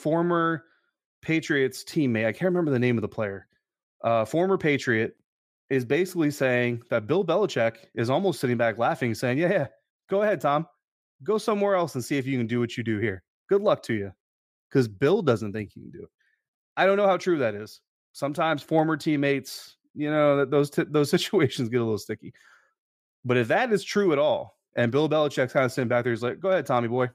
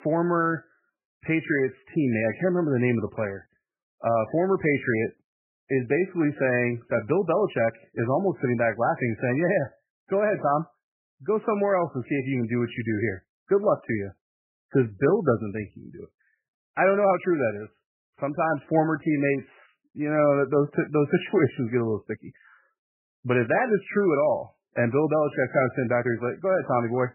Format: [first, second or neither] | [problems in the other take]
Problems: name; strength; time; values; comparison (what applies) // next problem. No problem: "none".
first | garbled, watery; badly; nothing above 2.5 kHz